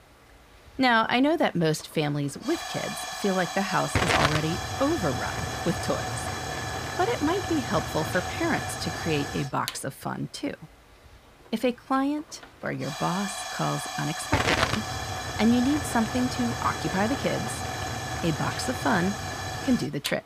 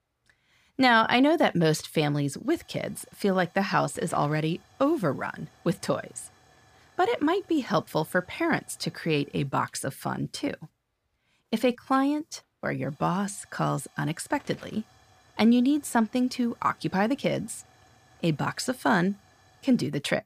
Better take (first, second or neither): second